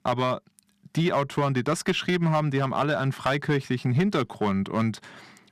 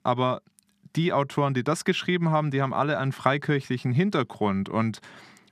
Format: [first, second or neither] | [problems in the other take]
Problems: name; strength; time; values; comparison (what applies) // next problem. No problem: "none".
second | distortion; slight; 4% of the sound clipped